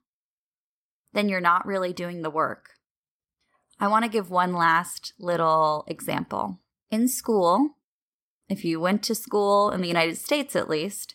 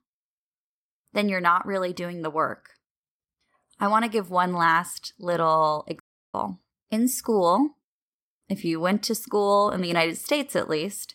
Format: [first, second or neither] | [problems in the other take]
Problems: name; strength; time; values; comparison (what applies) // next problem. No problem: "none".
first | audio cutting out; at 6 s